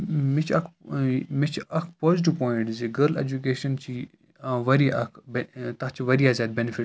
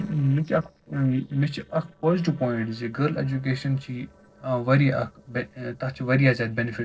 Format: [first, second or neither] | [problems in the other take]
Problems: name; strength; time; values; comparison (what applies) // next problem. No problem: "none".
first | noise reduction (neural separator model SepFormer DNS4)